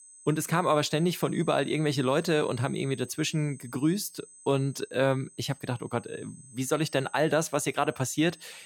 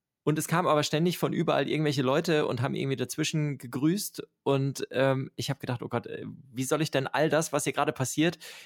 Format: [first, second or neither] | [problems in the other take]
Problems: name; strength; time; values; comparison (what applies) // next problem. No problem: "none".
second | high-pitched whine; faint; throughout; 8 kHz, 20 dB below the speech